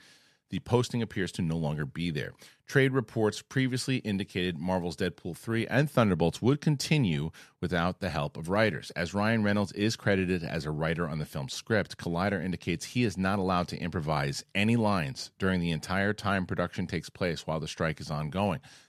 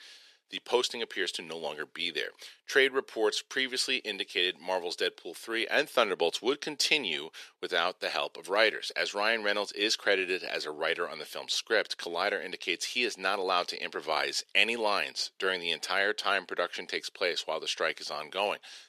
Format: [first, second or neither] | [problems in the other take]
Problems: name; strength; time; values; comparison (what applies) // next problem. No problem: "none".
first | thin; very; fading below 400 Hz